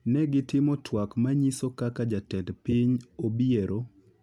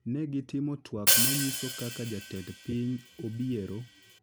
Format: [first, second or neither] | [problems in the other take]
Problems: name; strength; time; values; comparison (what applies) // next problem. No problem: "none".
first | background sound (Hi-hat); 3 dB above the speech